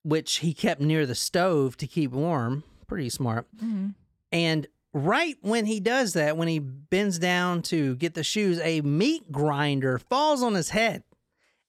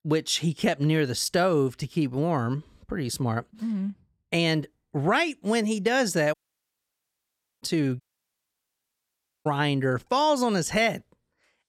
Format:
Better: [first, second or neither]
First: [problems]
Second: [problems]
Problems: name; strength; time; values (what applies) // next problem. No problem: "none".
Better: first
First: none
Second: audio cutting out; at 6.5 s for 1.5 s and at 8 s for 1.5 s